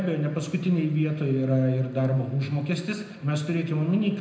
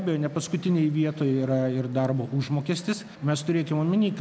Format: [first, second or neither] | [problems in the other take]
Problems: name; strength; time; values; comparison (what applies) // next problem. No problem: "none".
second | room echo; dies away in 0.7 s